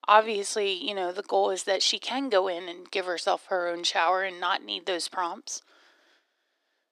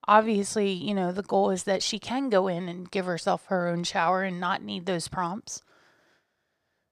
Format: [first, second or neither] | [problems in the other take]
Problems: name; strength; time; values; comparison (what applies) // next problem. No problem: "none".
second | thin; somewhat; fading below 300 Hz